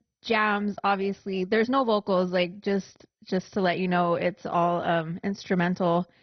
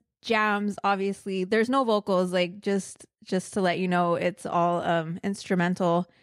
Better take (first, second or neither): second